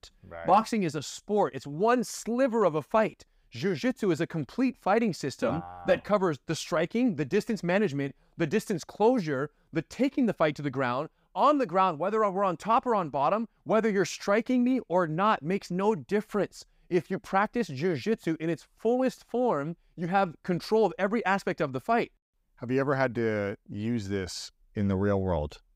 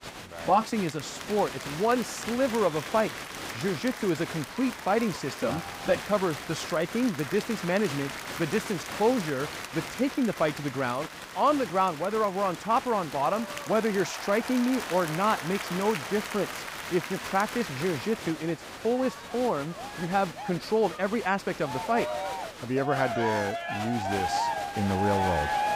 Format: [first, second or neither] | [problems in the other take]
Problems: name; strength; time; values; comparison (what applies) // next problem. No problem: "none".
first | crowd noise; loud; throughout; 7 dB below the speech